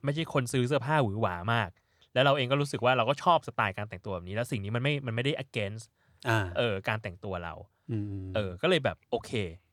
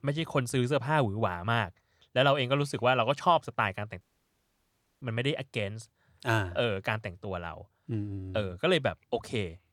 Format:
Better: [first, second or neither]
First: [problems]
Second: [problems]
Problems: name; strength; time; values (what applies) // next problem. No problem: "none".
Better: first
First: none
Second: audio cutting out; at 4 s for 1 s